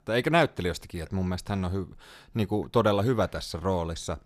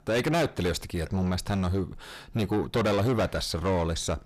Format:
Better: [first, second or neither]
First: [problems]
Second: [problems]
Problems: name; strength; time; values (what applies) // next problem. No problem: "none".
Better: first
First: none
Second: distortion; heavy; 6 dB below the speech